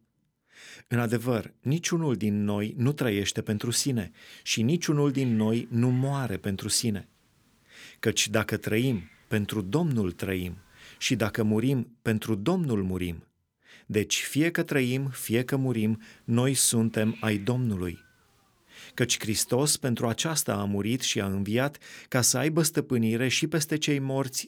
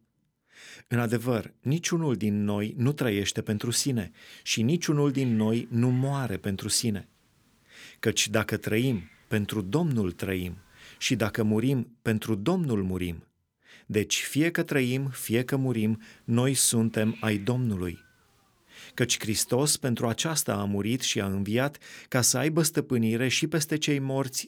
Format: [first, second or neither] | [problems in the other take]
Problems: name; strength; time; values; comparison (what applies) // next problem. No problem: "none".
neither | hiss; faint; from 3.5 to 12 s and from 15 to 20 s; 30 dB below the speech; the same in both